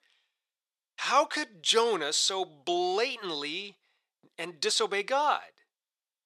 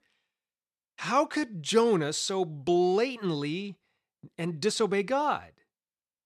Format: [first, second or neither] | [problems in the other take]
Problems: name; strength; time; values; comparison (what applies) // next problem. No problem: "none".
second | thin; somewhat; fading below 550 Hz